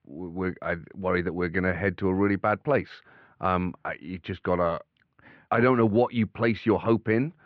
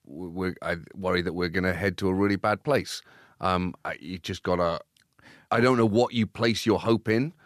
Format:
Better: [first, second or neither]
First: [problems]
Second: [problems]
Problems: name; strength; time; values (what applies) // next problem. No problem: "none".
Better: second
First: muffled; very; fading above 2.5 kHz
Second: none